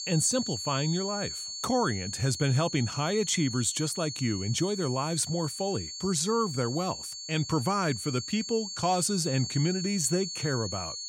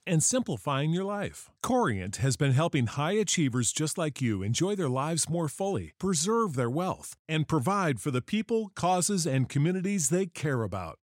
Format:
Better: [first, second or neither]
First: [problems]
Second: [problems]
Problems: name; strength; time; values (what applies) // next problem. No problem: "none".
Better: second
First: high-pitched whine; loud; throughout; 4.5 kHz, 6 dB below the speech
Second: none